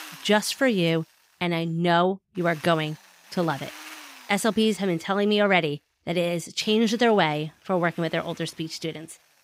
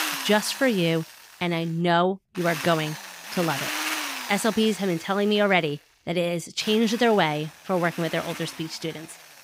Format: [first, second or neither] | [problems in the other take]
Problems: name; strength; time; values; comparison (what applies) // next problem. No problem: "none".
first | machinery noise; loud; throughout; 9 dB below the speech; faint in the first